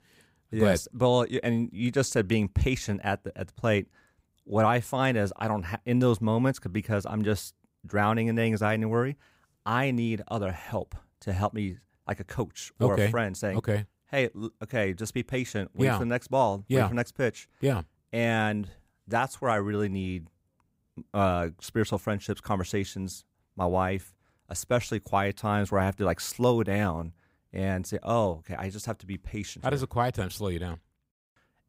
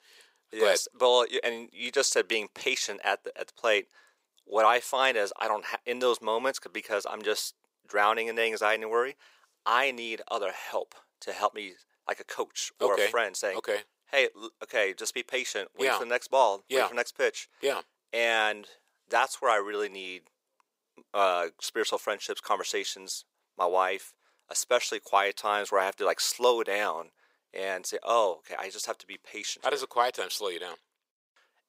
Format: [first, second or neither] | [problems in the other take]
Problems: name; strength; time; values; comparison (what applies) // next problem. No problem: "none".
first | thin; very; fading below 450 Hz